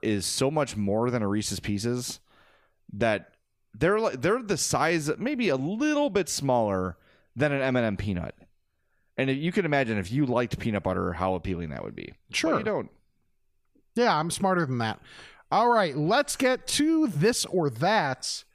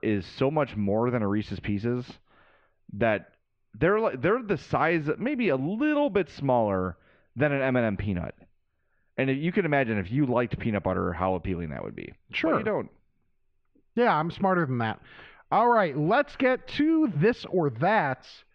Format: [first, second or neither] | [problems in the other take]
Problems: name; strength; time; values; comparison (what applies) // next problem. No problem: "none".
first | muffled; very; fading above 3 kHz